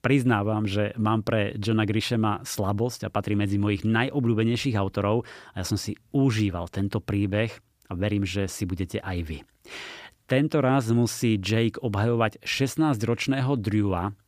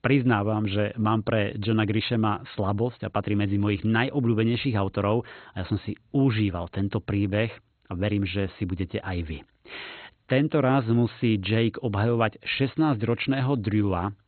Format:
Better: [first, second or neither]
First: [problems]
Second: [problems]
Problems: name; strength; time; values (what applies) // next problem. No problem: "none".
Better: first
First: none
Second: garbled, watery; badly; nothing above 4 kHz